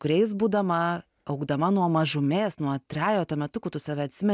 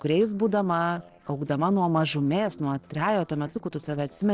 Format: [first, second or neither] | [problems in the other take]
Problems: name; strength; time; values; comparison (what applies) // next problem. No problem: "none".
first | noise reduction (neural separator model SepFormer DNS4)